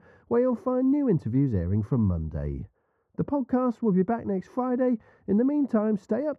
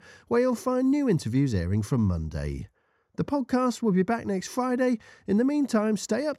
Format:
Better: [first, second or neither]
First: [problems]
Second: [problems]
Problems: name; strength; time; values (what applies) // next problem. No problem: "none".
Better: second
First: muffled; very; fading above 2 kHz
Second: none